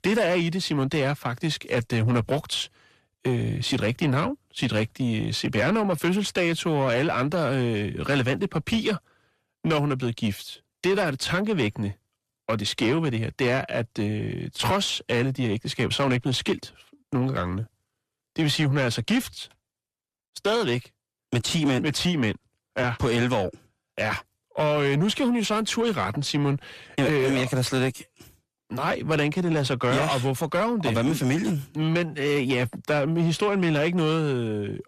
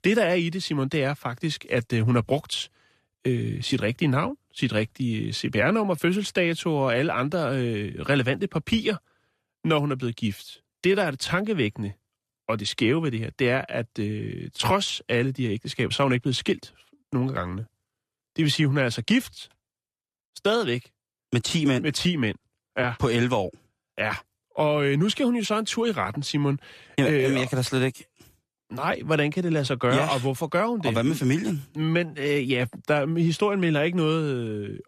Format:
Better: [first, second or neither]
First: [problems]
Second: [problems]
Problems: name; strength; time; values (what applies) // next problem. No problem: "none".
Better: second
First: distortion; slight; 10 dB below the speech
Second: none